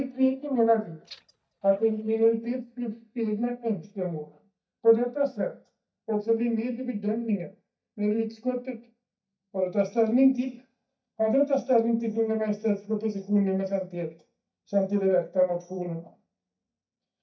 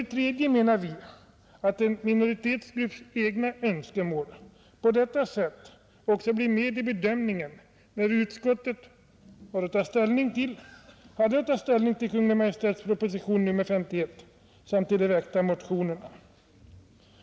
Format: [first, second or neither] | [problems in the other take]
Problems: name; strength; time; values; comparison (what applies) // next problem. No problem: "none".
second | noise reduction (neural mask model DeepFilterNet 3)